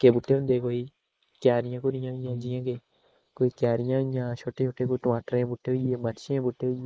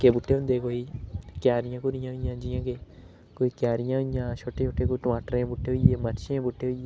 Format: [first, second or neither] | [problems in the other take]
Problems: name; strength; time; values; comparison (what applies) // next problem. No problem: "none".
second | noise reduction (neural mask model Resemble Enhance denoiser)